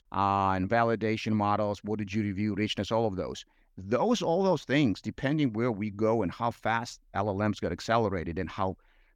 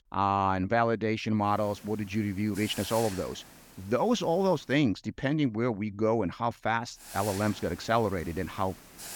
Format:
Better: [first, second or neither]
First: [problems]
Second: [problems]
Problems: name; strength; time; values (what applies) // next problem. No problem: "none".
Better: first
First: none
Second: hiss; noticeable; from 1.5 to 4.5 s and from 7 s on; 15 dB below the speech